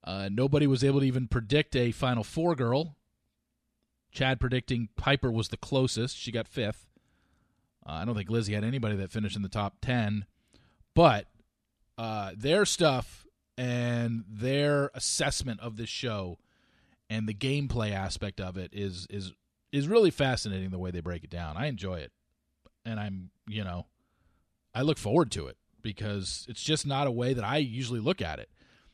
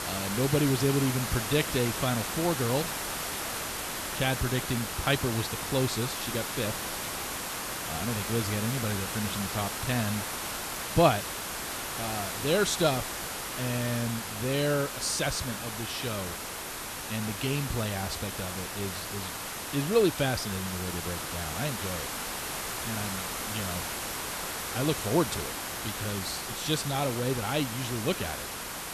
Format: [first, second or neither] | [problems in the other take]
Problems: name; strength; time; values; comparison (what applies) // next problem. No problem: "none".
first | hiss; loud; throughout; 3 dB below the speech